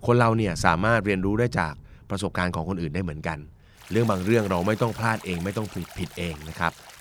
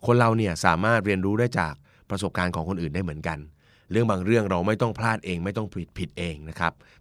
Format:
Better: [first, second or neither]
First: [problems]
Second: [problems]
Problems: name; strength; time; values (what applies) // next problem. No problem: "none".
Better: second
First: rain or running water; noticeable; throughout; 20 dB below the speech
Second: none